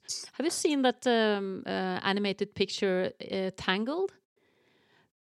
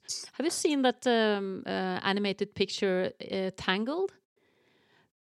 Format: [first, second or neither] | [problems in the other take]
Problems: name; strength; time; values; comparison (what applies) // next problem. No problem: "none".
neither | none